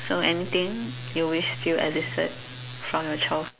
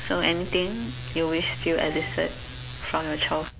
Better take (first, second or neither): first